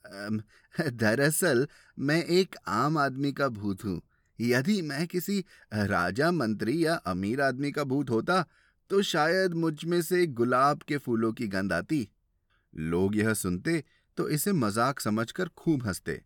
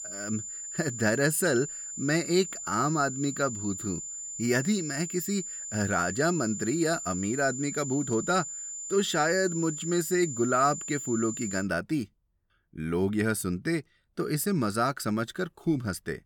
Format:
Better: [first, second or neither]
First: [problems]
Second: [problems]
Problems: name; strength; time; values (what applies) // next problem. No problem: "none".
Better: first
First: none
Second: high-pitched whine; loud; until 12 s; 7 kHz, 7 dB below the speech